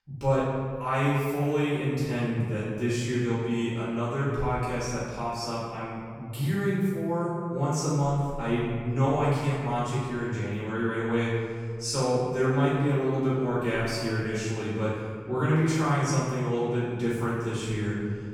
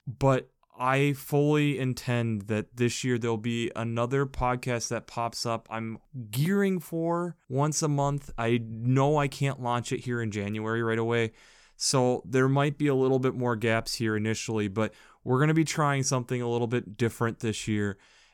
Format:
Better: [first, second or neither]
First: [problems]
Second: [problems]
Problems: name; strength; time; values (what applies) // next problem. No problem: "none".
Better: second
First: off-mic speech; far // room echo; strong; dies away in 1.9 s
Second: none